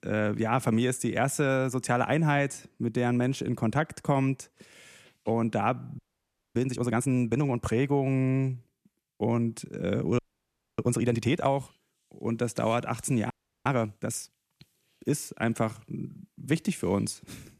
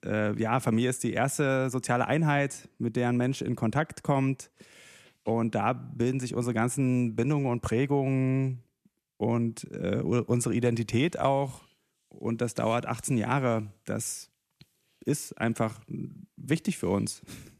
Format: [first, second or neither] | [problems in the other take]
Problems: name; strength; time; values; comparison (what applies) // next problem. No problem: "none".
second | audio freezing; at 6 s for 0.5 s, at 10 s for 0.5 s and at 13 s